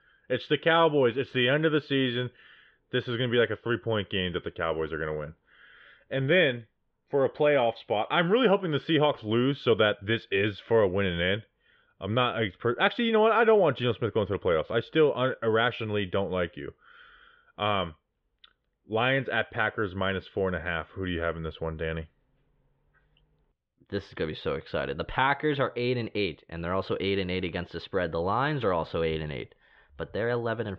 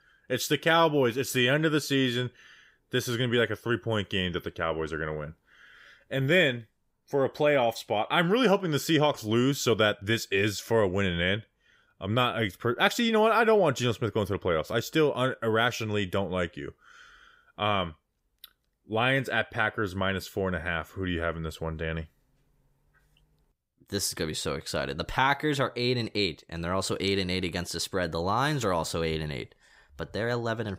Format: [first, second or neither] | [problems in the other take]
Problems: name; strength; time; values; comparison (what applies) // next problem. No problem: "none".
second | muffled; very; fading above 3.5 kHz